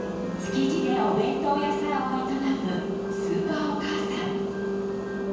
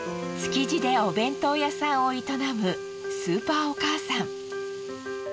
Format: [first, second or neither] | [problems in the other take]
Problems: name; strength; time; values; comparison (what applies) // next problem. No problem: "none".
second | background sound (Engine); 6 dB below the speech // room echo; dies away in 1.2 s